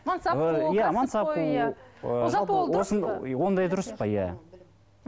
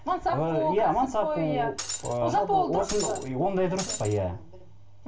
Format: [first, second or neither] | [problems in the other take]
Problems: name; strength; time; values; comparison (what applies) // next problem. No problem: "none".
first | background sound (Shatter); 9 dB below the speech // room echo; dies away in 0.3 s